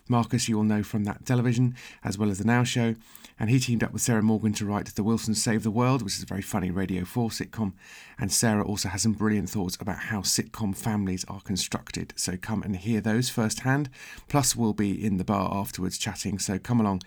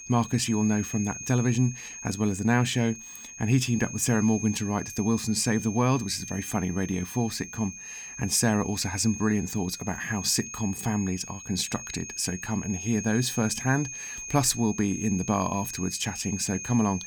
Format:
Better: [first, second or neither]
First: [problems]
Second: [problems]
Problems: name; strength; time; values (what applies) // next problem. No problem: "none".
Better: first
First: none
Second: high-pitched whine; loud; throughout; 6.5 kHz, 10 dB below the speech